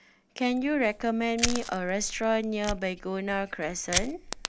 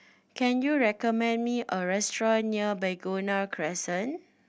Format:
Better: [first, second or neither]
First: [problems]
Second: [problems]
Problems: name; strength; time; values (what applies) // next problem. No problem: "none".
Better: second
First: background sound (Fire); 6 dB below the speech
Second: none